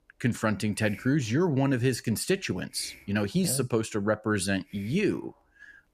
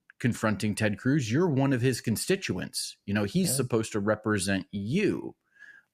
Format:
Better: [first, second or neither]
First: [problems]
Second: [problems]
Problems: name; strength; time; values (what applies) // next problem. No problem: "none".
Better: second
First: hiss; faint; throughout; 25 dB below the speech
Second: none